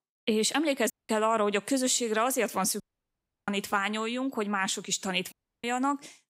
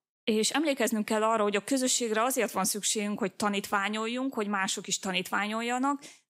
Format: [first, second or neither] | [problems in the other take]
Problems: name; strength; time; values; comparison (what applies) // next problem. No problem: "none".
second | audio cutting out; at 1 s, at 3 s for 0.5 s and at 5.5 s